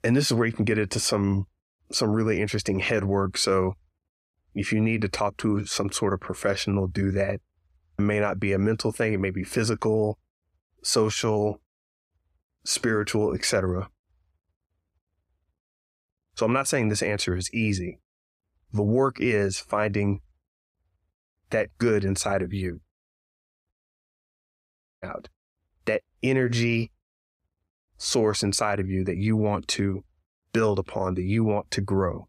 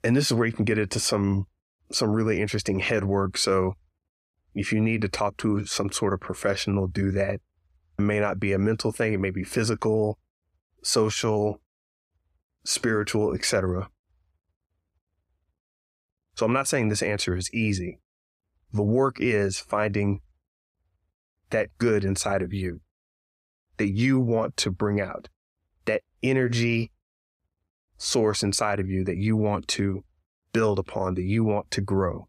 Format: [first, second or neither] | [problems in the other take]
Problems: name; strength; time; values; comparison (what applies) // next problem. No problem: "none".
second | audio cutting out; at 24 s for 1.5 s